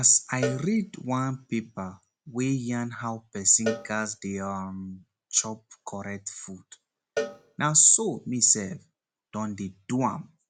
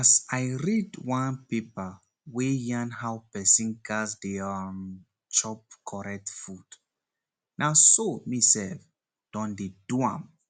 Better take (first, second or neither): second